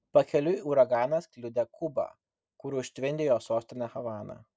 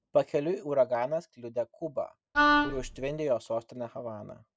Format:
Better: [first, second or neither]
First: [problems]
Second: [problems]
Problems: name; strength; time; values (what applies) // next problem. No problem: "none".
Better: first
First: none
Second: background sound (Wind instrument, woodwind instrument); 5 dB above the speech